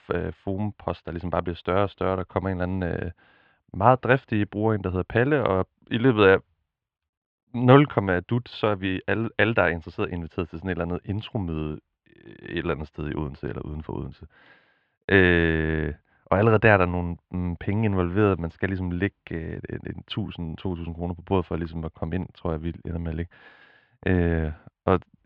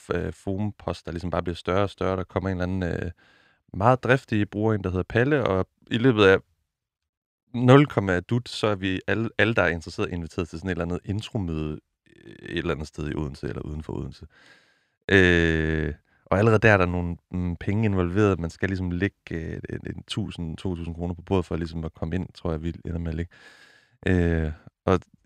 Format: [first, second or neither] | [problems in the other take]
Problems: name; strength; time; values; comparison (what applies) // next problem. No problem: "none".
second | muffled; slightly; fading above 3 kHz